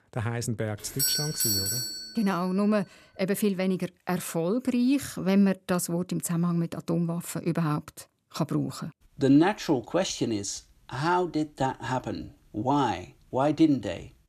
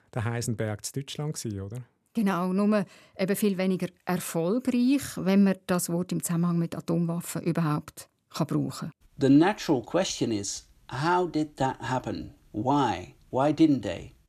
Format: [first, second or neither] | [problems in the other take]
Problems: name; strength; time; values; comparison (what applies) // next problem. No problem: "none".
second | doorbell; loud; from 1 to 2 s; peak 3 dB above the speech